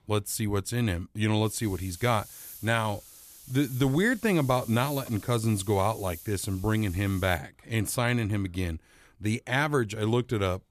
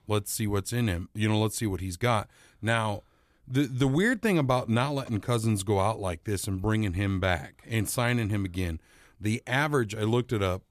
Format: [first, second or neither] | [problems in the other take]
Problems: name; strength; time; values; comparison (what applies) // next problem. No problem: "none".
second | hiss; noticeable; from 1.5 to 7.5 s; 15 dB below the speech